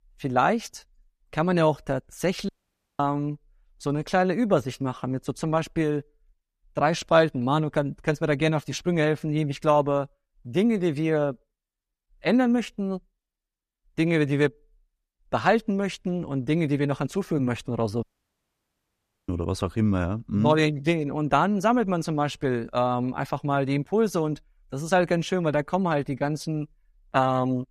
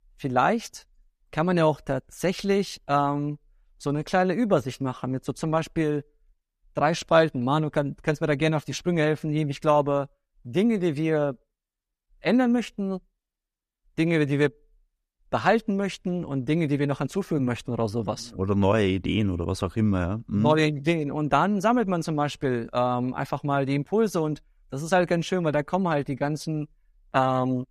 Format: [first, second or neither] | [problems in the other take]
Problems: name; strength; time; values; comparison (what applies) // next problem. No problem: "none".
second | audio cutting out; at 2.5 s for 0.5 s and at 18 s for 1.5 s